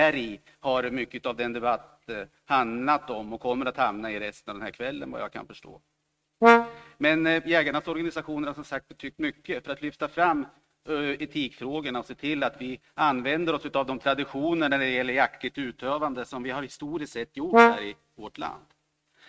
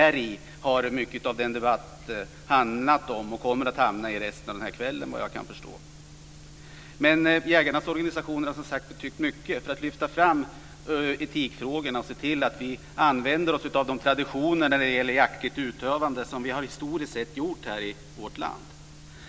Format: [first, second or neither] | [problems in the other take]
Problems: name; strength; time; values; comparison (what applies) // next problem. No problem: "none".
second | noise reduction (neural mask model RNNoise)